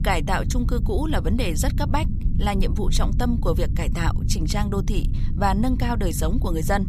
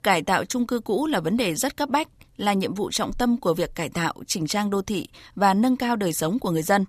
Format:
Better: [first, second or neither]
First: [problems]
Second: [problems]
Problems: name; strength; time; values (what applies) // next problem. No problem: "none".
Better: second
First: low rumble; noticeable; throughout; 10 dB below the speech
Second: none